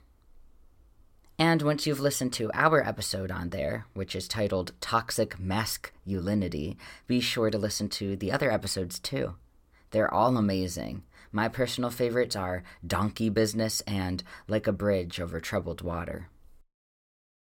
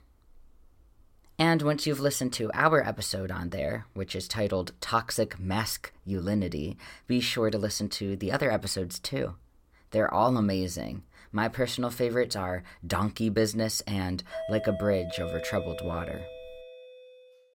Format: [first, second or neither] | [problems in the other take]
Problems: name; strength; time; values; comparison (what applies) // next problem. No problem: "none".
first | doorbell; noticeable; from 14 s on; peak 6 dB below the speech